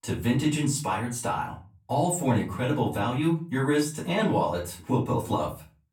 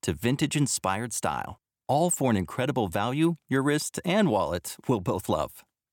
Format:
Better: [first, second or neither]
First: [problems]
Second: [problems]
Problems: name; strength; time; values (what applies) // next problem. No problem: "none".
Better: second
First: off-mic speech; far // room echo; slight; dies away in 0.3 s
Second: none